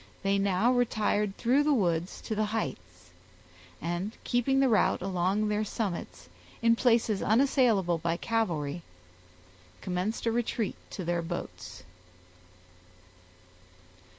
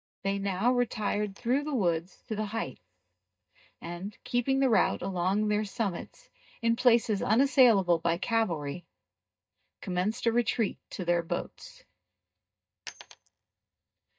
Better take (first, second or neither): first